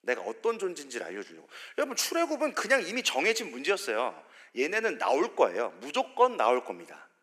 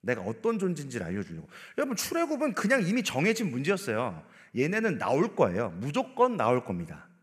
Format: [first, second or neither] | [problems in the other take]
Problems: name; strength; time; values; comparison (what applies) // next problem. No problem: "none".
second | thin; somewhat; fading below 300 Hz